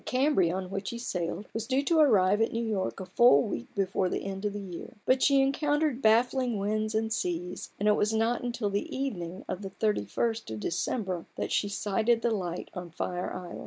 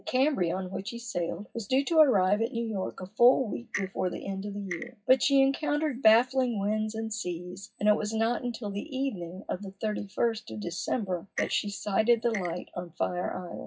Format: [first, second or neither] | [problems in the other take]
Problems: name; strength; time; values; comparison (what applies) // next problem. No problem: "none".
first | noise reduction (classical method WPE with log-MMSE)